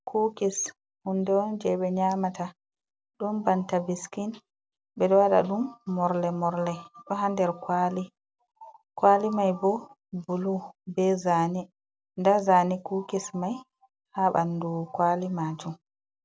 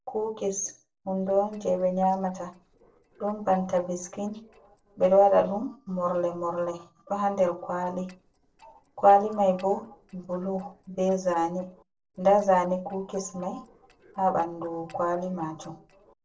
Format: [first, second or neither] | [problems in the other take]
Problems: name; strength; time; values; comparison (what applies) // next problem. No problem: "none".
first | noise reduction (neural separator model SepFormer DNS4)